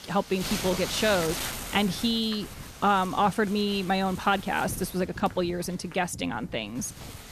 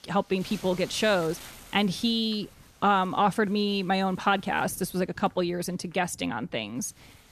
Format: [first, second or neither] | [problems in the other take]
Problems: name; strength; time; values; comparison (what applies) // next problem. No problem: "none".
second | wind noise on the microphone; heavy; 10 dB below the speech; occasional gusts in the second